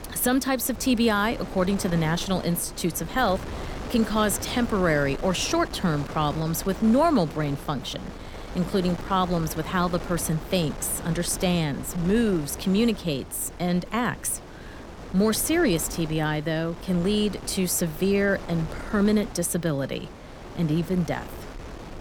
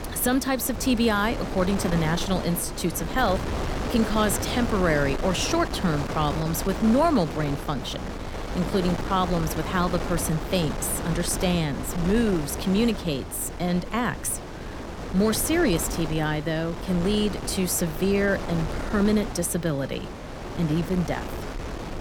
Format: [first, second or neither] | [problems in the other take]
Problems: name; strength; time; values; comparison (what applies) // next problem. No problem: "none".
first | wind noise on the microphone; heavy; 7 dB below the speech; occasional gusts in the first